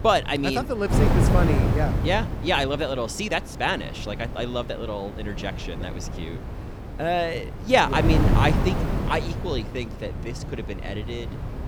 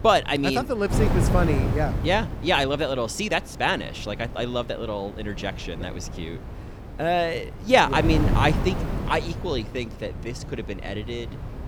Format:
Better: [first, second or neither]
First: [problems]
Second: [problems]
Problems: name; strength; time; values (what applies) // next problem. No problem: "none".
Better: second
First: wind noise on the microphone; heavy; 8 dB below the speech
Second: wind noise on the microphone; occasional gusts; 10 dB below the speech